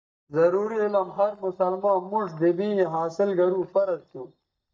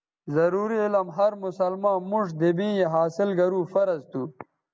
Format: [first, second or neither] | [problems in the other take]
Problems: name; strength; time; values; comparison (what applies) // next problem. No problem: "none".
second | noise reduction (neural mask model DeepFilterNet 3)